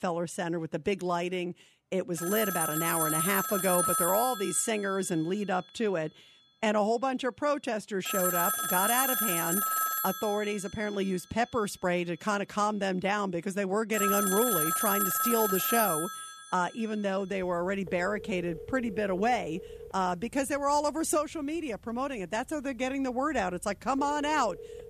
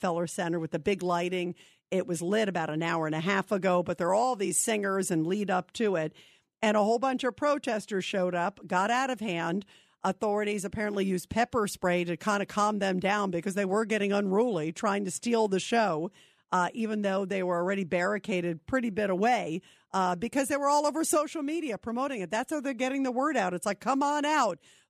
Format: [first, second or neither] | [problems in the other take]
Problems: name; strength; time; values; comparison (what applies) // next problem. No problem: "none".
second | alarms or sirens; very loud; throughout; 1 dB above the speech